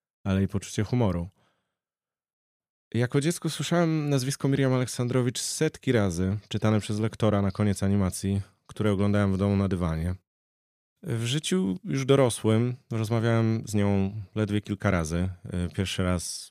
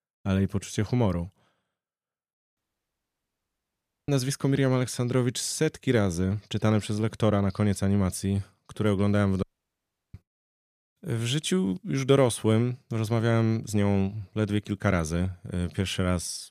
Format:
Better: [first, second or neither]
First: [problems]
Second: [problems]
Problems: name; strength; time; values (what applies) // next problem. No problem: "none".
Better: first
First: none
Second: audio cutting out; at 2.5 s for 1.5 s and at 9.5 s for 0.5 s